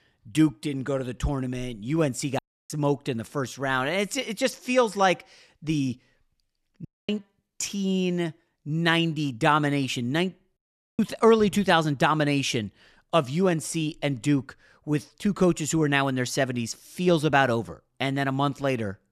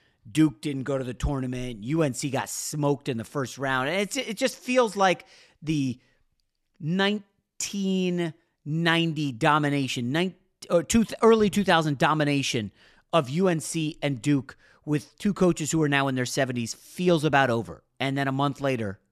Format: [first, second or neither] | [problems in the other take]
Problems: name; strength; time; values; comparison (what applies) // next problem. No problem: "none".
second | audio cutting out; at 2.5 s, at 7 s and at 11 s